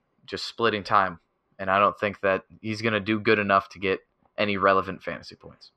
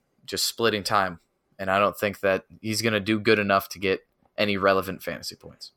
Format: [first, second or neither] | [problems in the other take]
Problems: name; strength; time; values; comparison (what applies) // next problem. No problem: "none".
second | muffled; slightly; fading above 3 kHz